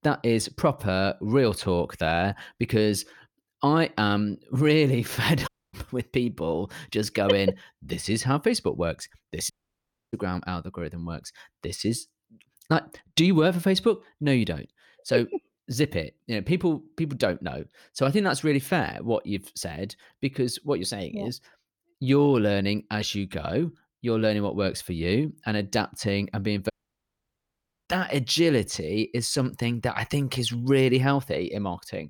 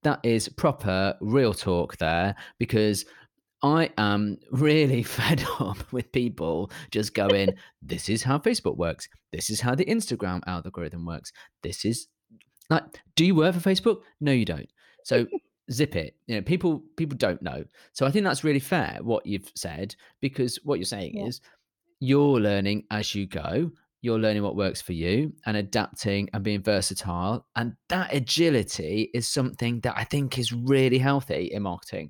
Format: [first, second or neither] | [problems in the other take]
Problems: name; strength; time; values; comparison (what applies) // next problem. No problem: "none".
second | audio cutting out; at 5.5 s, at 9.5 s for 0.5 s and at 27 s for 1 s